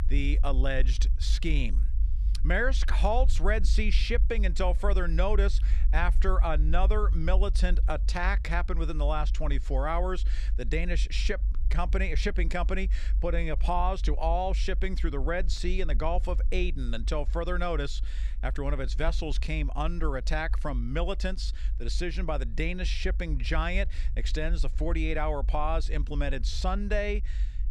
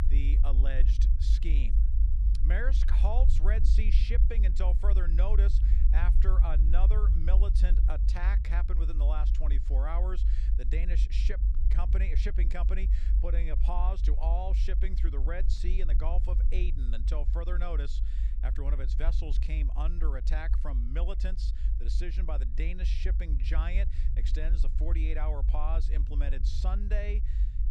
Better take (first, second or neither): first